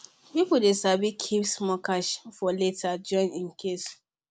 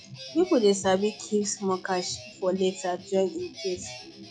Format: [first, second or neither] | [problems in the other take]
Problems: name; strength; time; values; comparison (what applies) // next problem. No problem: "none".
first | noise reduction (classical method log-MMSE)